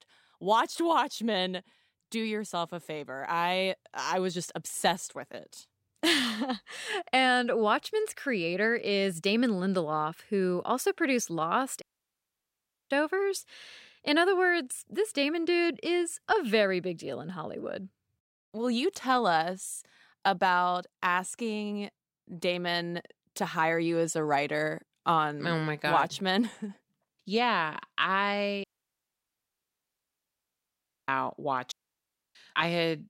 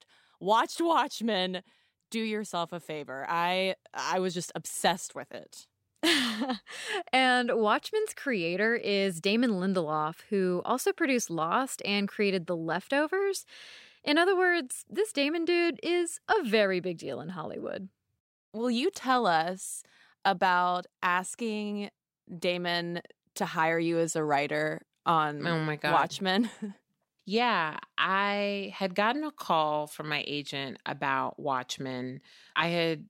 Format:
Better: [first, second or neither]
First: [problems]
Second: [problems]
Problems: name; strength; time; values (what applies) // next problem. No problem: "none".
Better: second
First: audio cutting out; at 12 s for 1 s, at 29 s for 2.5 s and at 32 s for 0.5 s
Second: none